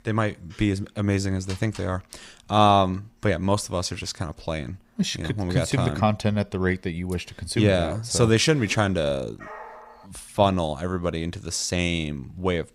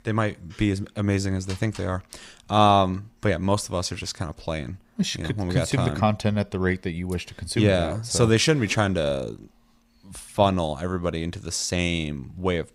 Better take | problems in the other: second | dog barking; faint; at 9.5 s; peak 15 dB below the speech

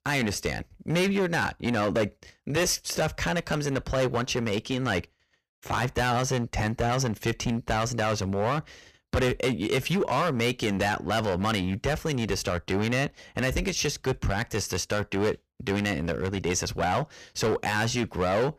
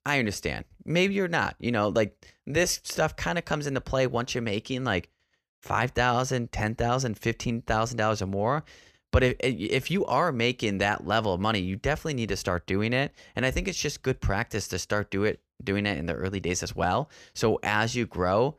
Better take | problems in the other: second | distortion; heavy; 11% of the sound clipped

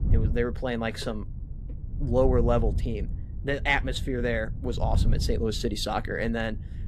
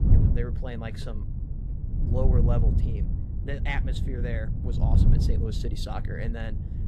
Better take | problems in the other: first | wind noise on the microphone; heavy; 4 dB below the speech; occasional gusts in the first

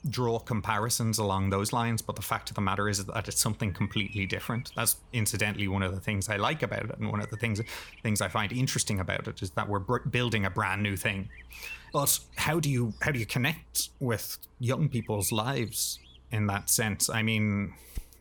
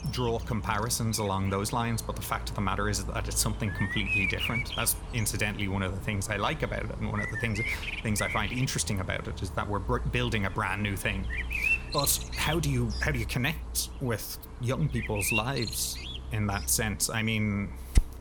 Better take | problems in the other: first | animal sounds; loud; throughout; 5 dB below the speech; faint in the first

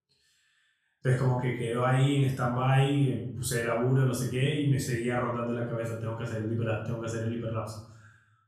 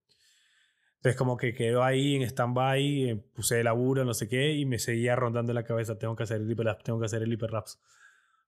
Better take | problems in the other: second | room echo; noticeable; dies away in 0.7 s // off-mic speech; far

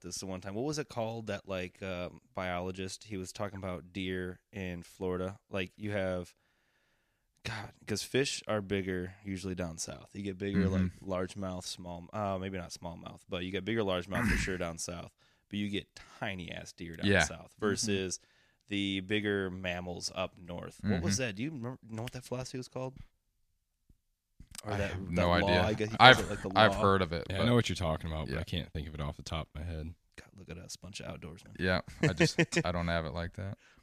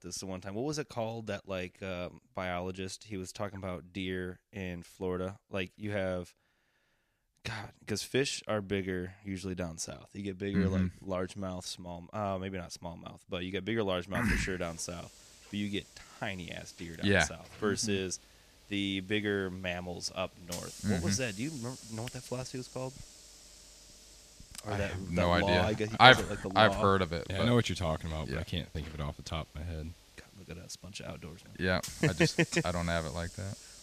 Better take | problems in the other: first | hiss; noticeable; from 15 s on; 20 dB below the speech

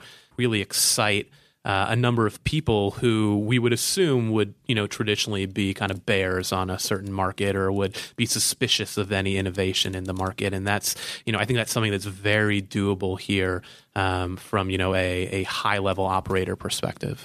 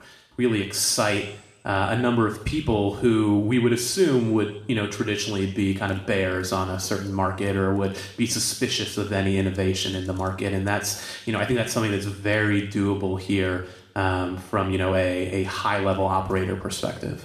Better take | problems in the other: first | room echo; slight; dies away in 0.7 s

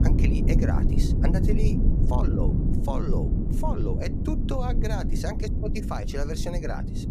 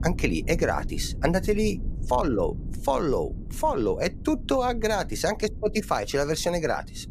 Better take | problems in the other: second | low rumble; loud; throughout; 2 dB below the speech; faint in the second

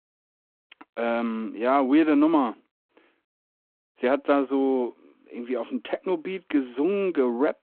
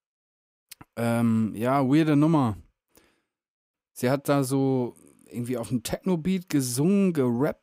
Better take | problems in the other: second | phone-call audio

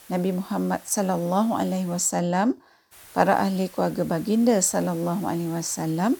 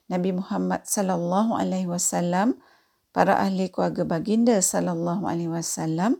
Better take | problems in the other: second | hiss; faint; until 2 s and from 3 s on; 20 dB below the speech

